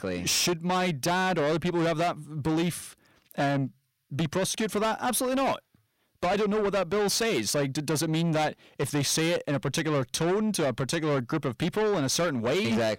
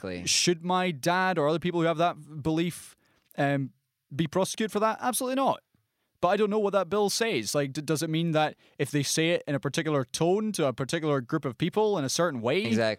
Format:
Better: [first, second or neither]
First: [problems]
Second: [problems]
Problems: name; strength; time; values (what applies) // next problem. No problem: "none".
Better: second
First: distortion; heavy; 8 dB below the speech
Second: none